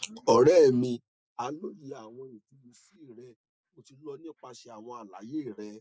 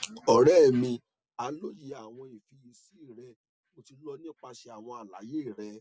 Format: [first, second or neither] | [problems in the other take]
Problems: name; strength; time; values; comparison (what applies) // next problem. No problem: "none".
second | noise reduction (neural mask model Resemble Enhance denoiser)